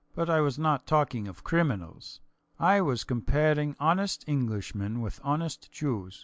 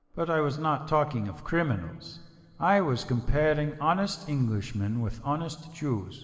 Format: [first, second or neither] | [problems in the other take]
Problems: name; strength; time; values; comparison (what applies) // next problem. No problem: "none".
first | room echo; dies away in 2.1 s